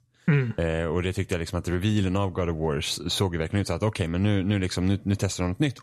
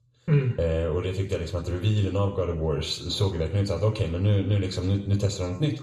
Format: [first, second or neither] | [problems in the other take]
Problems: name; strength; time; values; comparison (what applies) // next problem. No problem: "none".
first | room echo; slight; dies away in 0.6 s